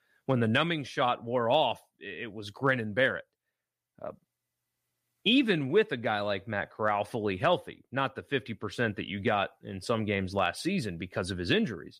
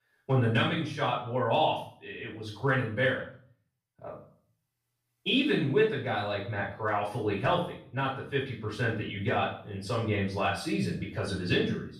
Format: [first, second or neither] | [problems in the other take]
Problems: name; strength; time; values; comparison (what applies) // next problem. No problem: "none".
first | off-mic speech; far // room echo; noticeable; dies away in 0.5 s